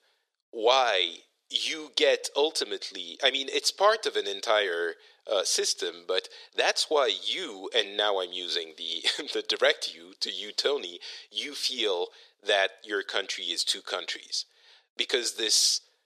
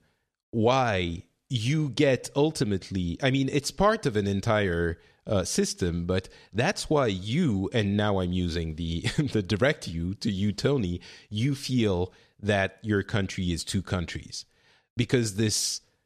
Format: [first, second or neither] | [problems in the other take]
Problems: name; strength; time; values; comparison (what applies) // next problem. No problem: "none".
second | thin; very; fading below 400 Hz